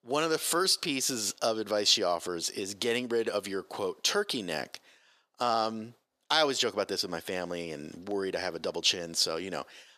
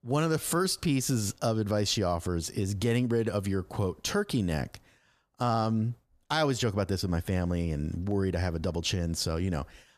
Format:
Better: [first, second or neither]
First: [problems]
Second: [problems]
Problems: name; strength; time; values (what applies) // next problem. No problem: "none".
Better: second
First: thin; somewhat; fading below 400 Hz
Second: none